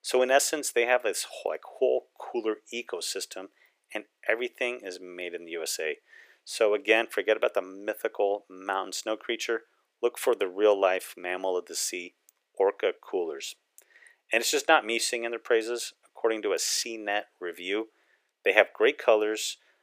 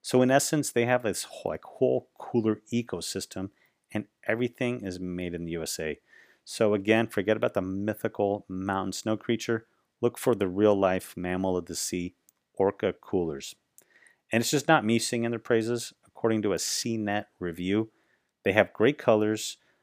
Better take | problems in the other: second | thin; very; fading below 400 Hz

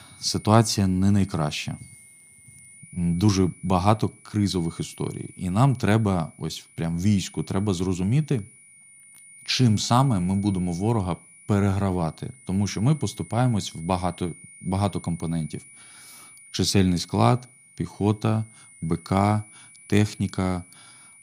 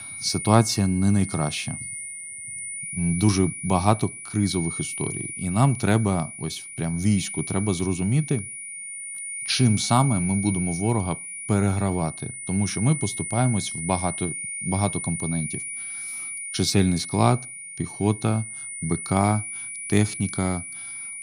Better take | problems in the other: first | high-pitched whine; loud; throughout; 9.5 kHz, 7 dB below the speech; faint in the first

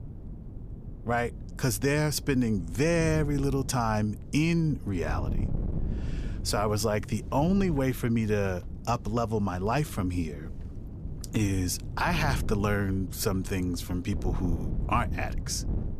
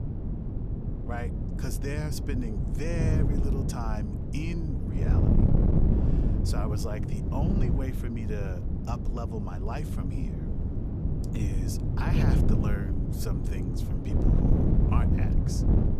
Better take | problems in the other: first | wind noise on the microphone; heavy; 1 dB above the speech; occasional gusts in the first

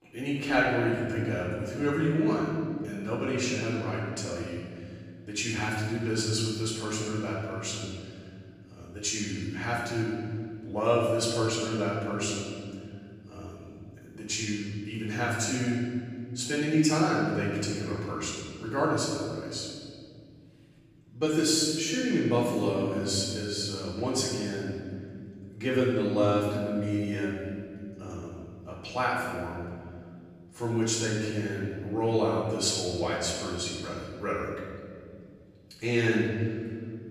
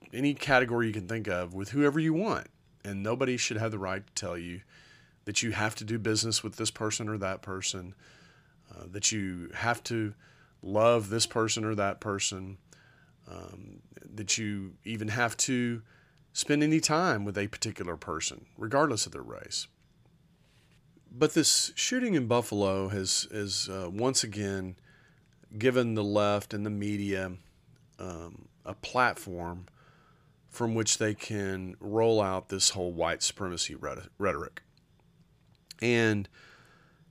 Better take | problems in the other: second | off-mic speech; far // room echo; strong; dies away in 2.3 s

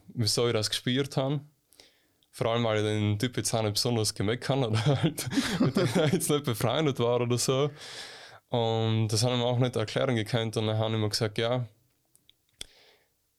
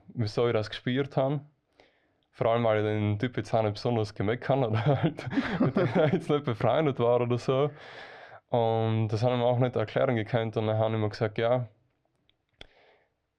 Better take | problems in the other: first | muffled; very; fading above 2 kHz

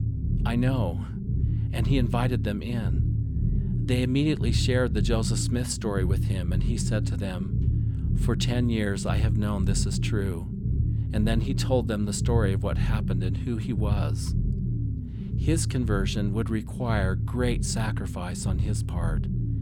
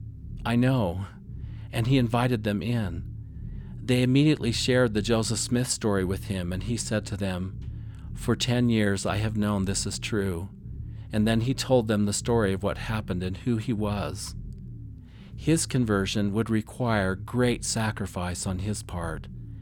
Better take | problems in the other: second | low rumble; loud; throughout; 8 dB below the speech; faint in the second

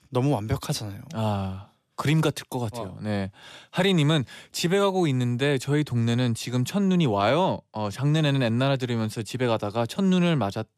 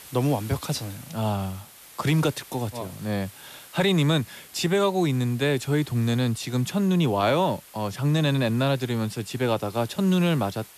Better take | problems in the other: first | hiss; faint; throughout; 20 dB below the speech

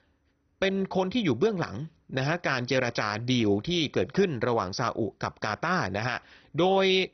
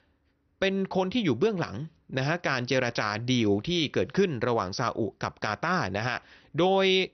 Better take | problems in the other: second | garbled, watery; badly; nothing above 6 kHz; slightly in the second

